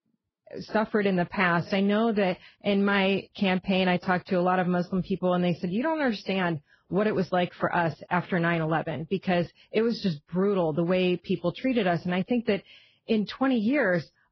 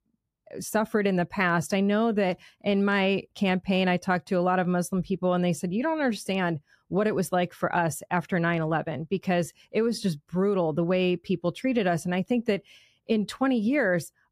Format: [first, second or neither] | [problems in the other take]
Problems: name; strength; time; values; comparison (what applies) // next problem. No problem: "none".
second | garbled, watery; badly; nothing above 5.5 kHz